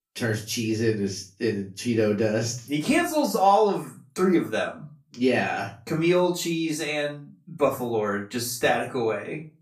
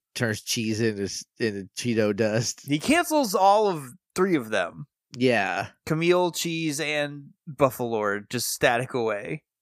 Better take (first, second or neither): second